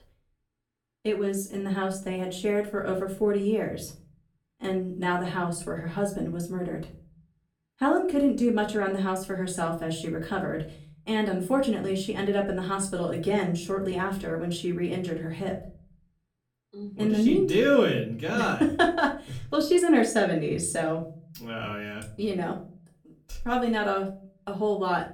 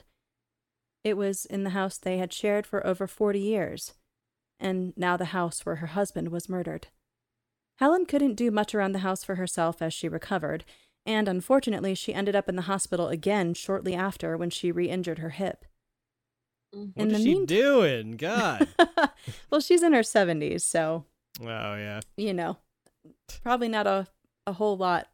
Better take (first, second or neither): second